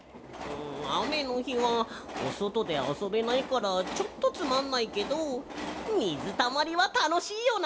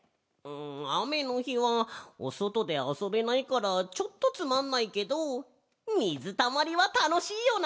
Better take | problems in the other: second | background sound (Train); 10 dB below the speech

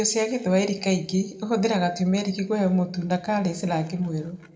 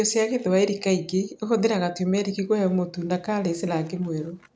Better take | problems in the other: second | room echo; dies away in 0.8 s

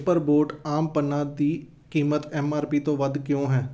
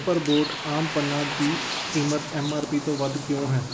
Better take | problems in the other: first | background sound (Bird); 6 dB below the speech

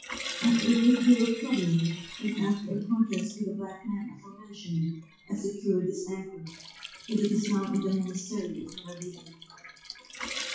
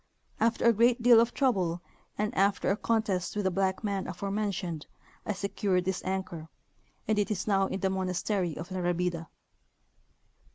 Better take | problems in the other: second | noise reduction (classical method WPE with log-MMSE)

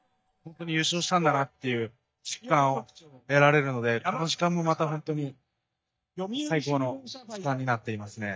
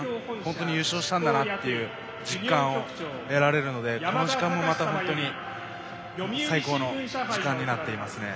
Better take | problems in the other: second | noise reduction (neural mask model DeepFilterNet 3)

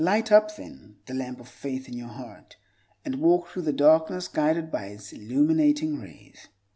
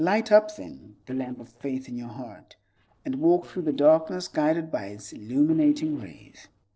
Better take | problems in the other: first | noise reduction (neural separator model SepFormer DNS4)

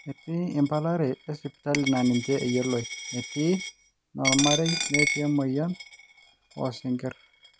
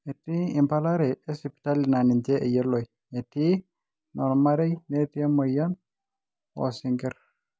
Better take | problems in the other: second | background sound (Coin (dropping)); 6 dB below the speech

